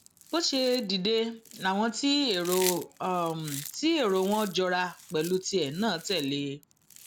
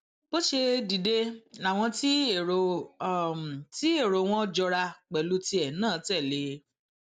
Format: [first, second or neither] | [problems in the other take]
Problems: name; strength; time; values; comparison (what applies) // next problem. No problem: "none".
second | background sound (Chewing, mastication); 15 dB below the speech